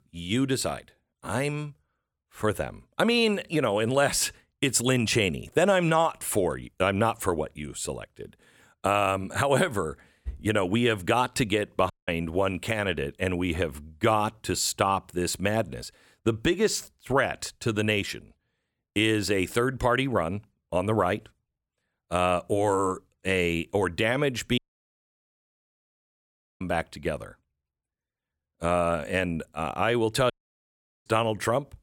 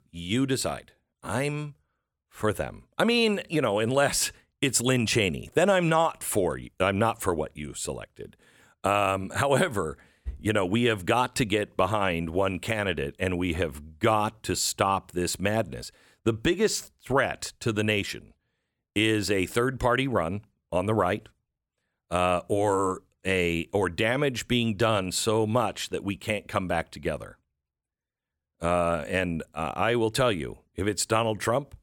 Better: second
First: audio cutting out; at 12 s, at 25 s for 2 s and at 30 s for 1 s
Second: none

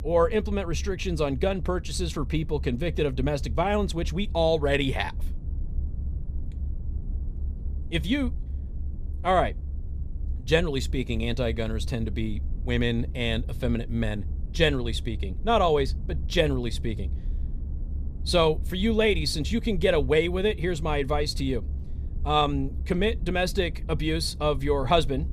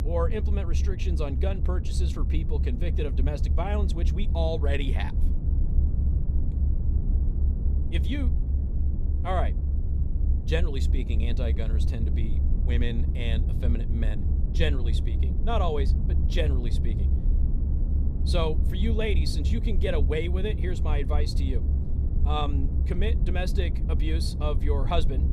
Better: first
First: low rumble; faint; throughout; 25 dB below the speech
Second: low rumble; loud; throughout; 9 dB below the speech

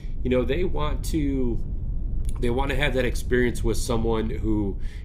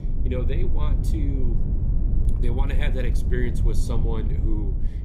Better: first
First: low rumble; faint; throughout; 20 dB below the speech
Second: low rumble; loud; throughout; 5 dB below the speech

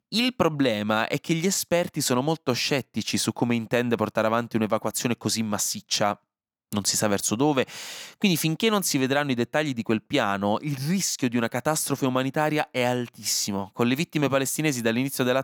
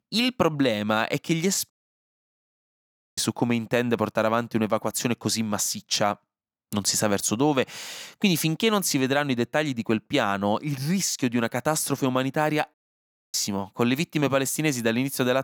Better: first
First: none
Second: audio cutting out; at 1.5 s for 1.5 s and at 13 s for 0.5 s

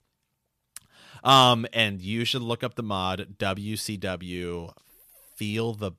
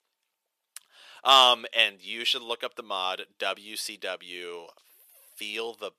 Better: first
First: none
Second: thin; very; fading below 450 Hz

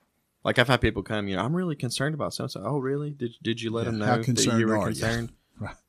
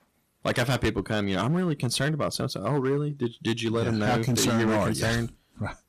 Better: first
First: none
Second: distortion; heavy; 13% of the sound clipped

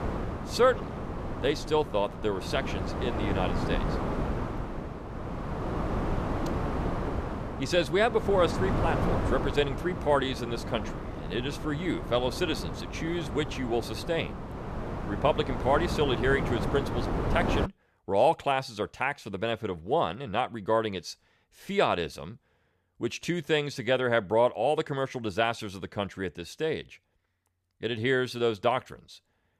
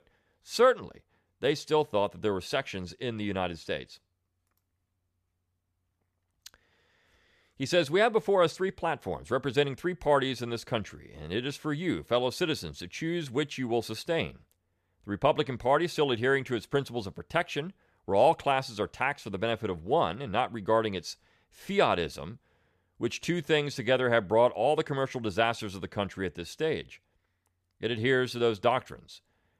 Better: second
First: wind noise on the microphone; heavy; until 18 s; 7 dB below the speech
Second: none

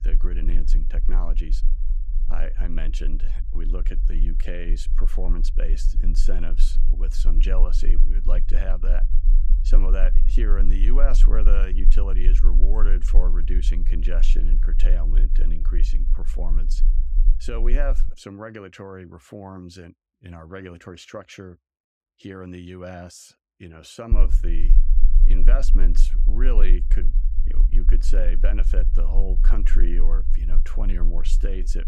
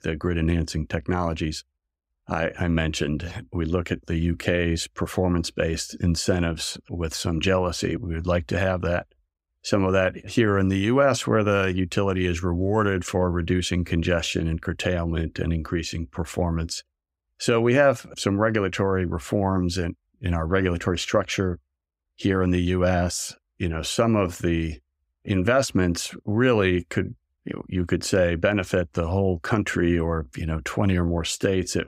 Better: second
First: low rumble; noticeable; until 18 s and from 24 s on; 10 dB below the speech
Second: none

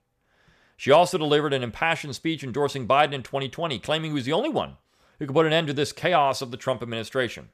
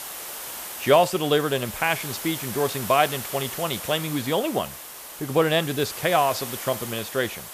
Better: first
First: none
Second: hiss; loud; throughout; 9 dB below the speech

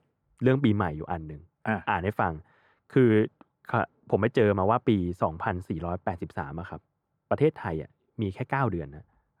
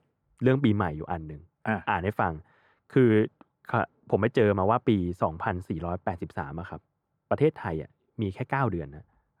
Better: neither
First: muffled; slightly; fading above 3 kHz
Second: muffled; slightly; fading above 3 kHz

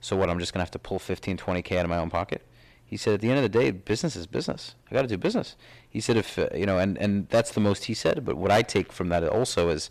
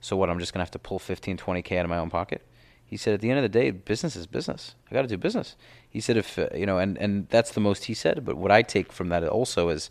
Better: second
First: distortion; slight; 3% of the sound clipped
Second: none

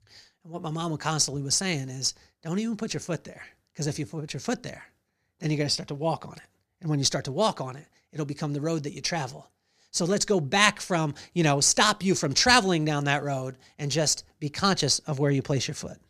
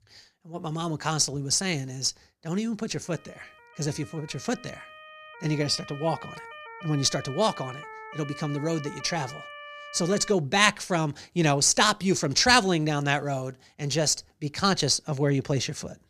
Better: first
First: none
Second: siren; faint; from 3 to 10 s; peak 15 dB below the speech

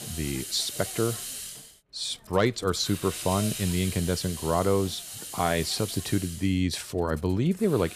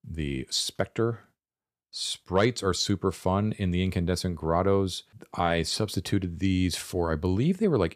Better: second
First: hiss; loud; throughout; 8 dB below the speech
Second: none

